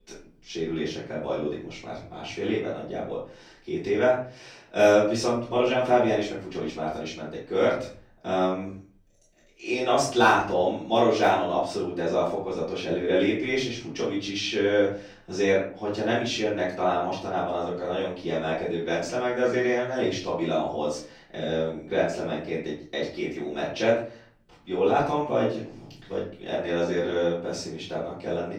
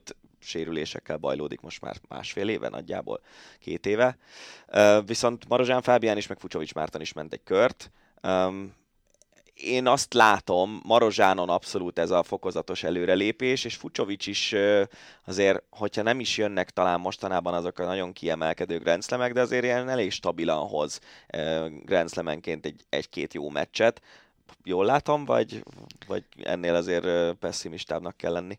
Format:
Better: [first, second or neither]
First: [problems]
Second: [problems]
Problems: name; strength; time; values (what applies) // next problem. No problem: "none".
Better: second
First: off-mic speech; far // room echo; noticeable; dies away in 0.5 s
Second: none